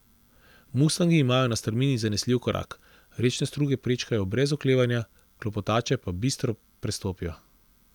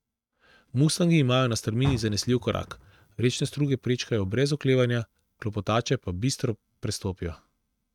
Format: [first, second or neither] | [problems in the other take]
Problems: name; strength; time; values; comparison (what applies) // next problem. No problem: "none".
first | noise reduction (neural mask model RNNoise)